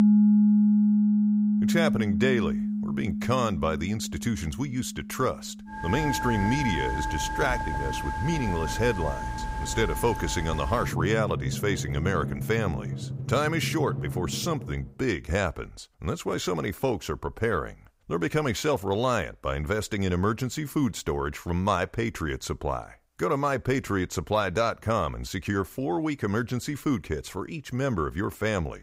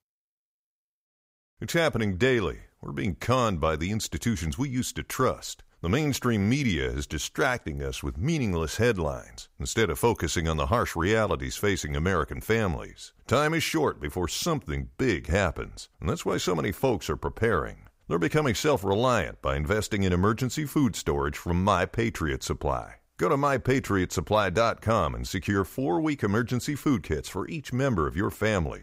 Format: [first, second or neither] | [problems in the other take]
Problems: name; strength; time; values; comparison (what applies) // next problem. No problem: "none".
second | background music; very loud; until 15 s; as loud as the speech